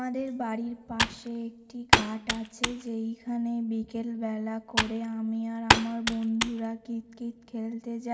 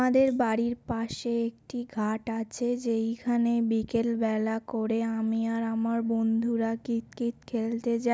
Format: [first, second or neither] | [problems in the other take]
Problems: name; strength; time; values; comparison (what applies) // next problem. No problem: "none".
second | background sound (Computer keyboard); 2 dB above the speech // room echo; dies away in 2.3 s